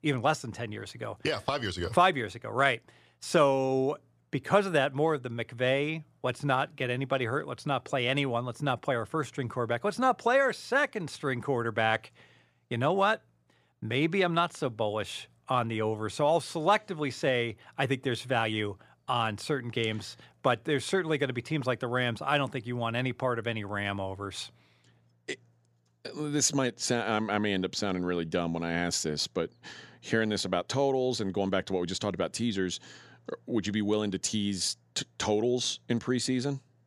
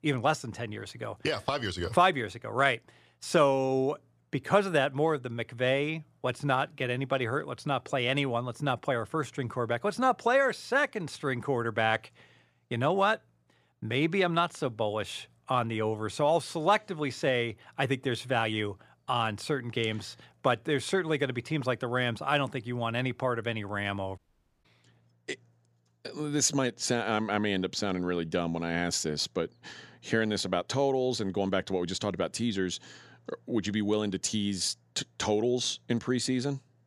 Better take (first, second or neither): first